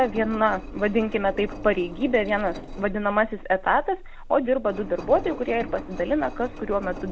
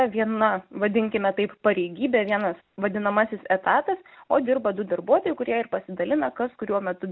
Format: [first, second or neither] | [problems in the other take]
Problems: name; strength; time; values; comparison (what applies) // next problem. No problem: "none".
second | background sound (Engine); 12 dB below the speech